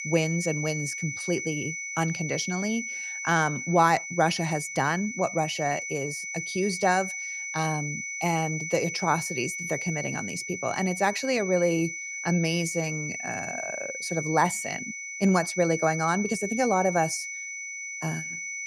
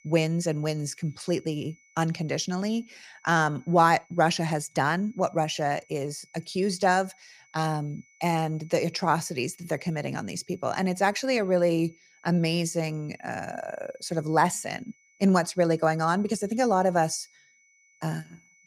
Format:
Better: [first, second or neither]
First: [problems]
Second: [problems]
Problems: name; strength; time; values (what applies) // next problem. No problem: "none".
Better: second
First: high-pitched whine; loud; throughout; 2 kHz, 5 dB below the speech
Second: high-pitched whine; faint; throughout; 2 kHz, 30 dB below the speech